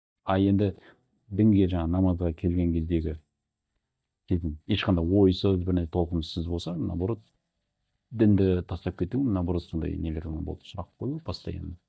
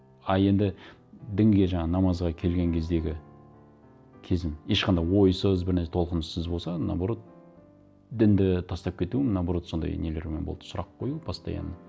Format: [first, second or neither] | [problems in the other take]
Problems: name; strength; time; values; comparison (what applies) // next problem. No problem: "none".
second | noise reduction (neural mask model DeepFilterNet 3)